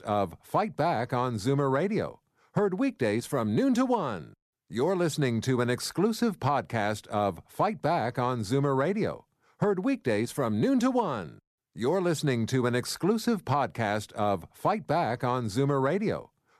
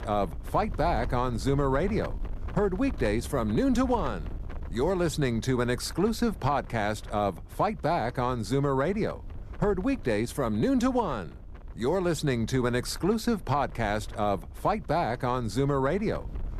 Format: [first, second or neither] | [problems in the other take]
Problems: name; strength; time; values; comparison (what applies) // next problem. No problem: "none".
first | wind noise on the microphone; occasional gusts; 20 dB below the speech